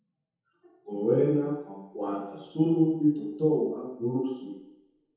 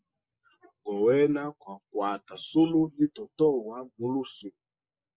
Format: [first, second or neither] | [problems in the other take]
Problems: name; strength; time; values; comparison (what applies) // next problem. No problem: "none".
second | room echo; dies away in 0.9 s